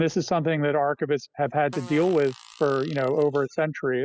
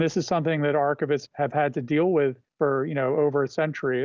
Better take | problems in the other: second | noise reduction (classical method spectral subtraction)

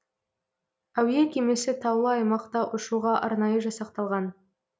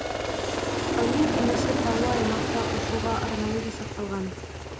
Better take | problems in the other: first | background sound (Aircraft); 3 dB above the speech // room echo; dies away in 0.3 s

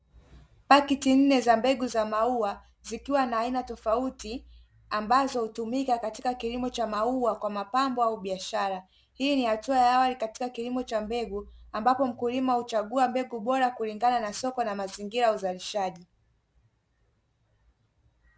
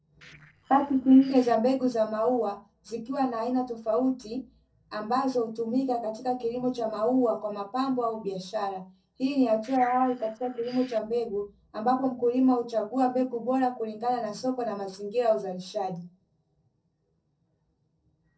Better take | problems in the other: first | noise reduction (neural separator model SepFormer DNS4)

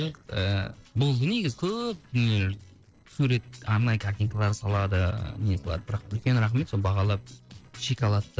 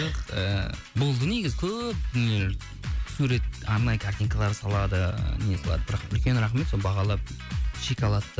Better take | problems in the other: second | noise reduction (neural separator model SepFormer DNS4)

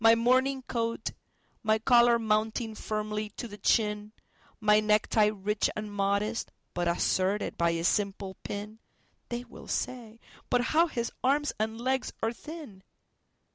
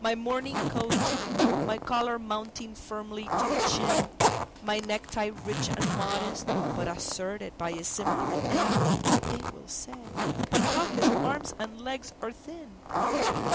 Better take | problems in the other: first | background sound (Zipper (clothing)); 5 dB above the speech

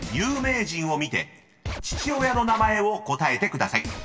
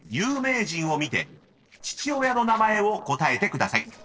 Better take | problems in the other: first | noise reduction (neural separator model SepFormer DNS4)

